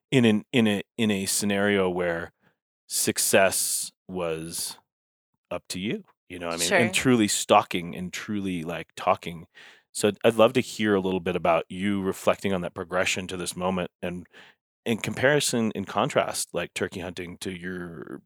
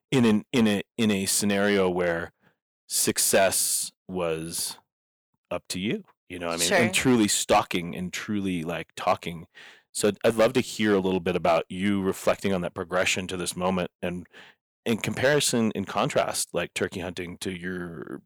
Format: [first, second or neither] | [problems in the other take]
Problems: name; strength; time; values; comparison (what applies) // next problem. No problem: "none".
first | distortion; slight; 1.9% of the sound clipped